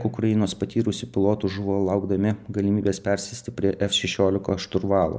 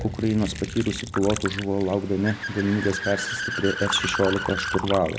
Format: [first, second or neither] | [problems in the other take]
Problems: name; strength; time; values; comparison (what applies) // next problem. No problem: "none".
first | background sound (Accelerating, revving, vroom / Car + Liquid); 7 dB below the speech